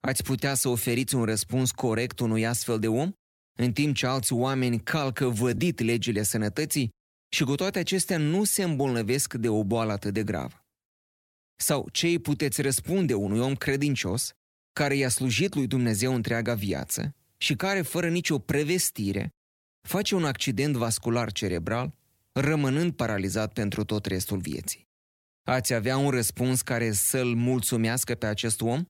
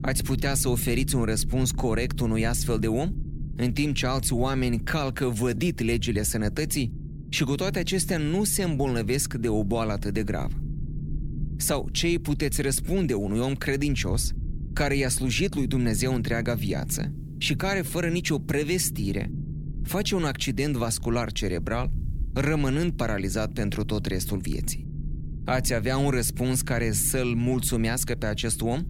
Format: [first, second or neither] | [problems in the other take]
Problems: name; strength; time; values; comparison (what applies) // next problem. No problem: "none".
first | low rumble; noticeable; throughout; 15 dB below the speech